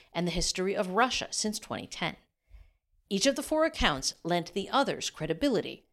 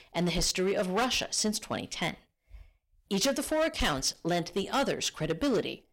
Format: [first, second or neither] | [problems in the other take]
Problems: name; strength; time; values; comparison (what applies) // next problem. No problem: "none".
first | distortion; heavy; 9% of the sound clipped